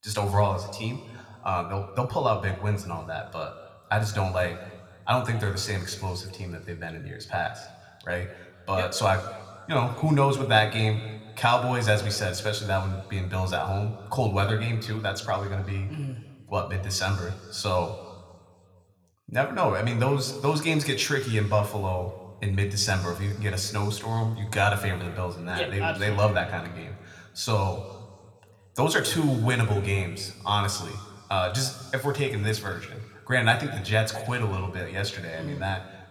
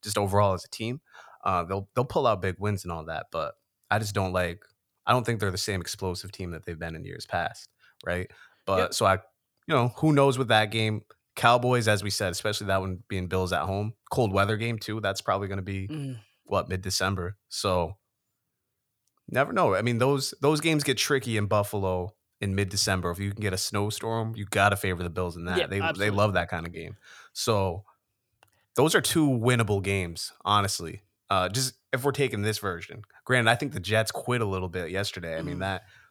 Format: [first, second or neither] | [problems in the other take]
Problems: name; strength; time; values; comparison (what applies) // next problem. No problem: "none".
second | room echo; slight; dies away in 1.5 s